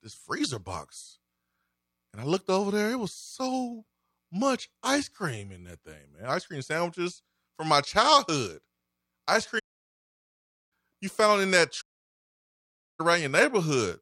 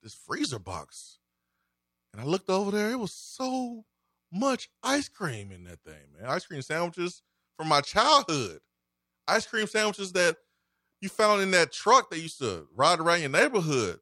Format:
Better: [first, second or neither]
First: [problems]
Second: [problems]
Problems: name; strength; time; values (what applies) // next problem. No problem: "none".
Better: second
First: audio cutting out; at 9.5 s for 1 s and at 12 s for 1 s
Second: none